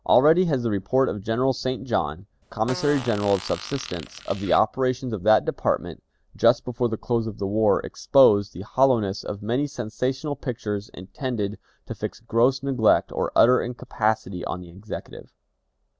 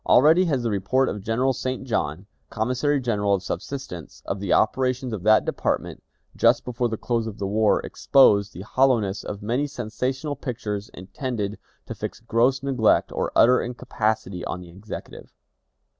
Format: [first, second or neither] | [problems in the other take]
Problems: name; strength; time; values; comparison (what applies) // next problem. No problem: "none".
second | background sound (Fart); 14 dB below the speech